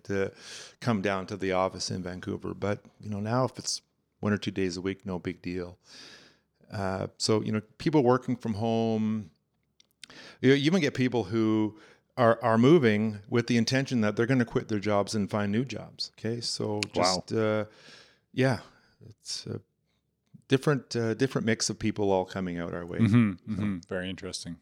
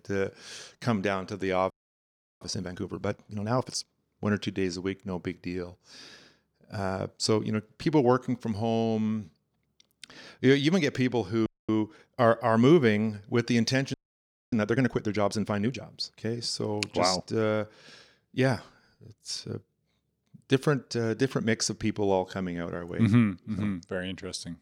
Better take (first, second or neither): first